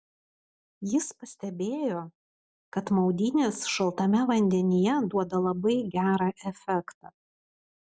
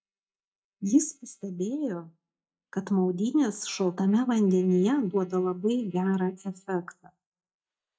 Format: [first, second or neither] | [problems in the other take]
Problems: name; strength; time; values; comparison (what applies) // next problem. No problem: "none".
first | noise reduction (neural mask model DeepFilterNet 3)